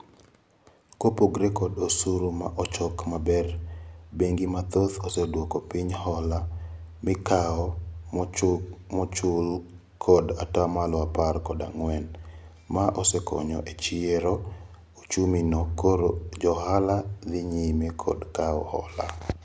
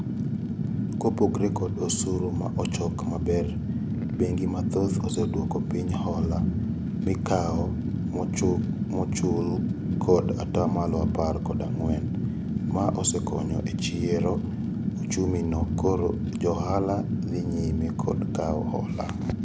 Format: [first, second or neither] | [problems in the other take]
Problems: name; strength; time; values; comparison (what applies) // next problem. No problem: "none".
first | background sound (Fire); 1 dB above the speech